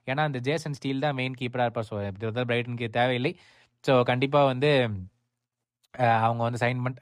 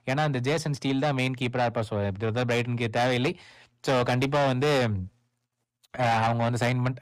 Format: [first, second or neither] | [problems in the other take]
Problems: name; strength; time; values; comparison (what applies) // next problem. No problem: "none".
first | distortion; heavy; 7 dB below the speech